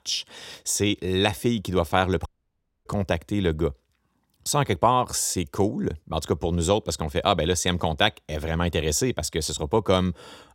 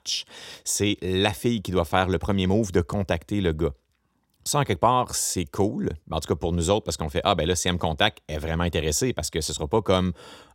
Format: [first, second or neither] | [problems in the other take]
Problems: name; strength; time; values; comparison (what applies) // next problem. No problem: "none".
second | audio cutting out; at 2.5 s for 0.5 s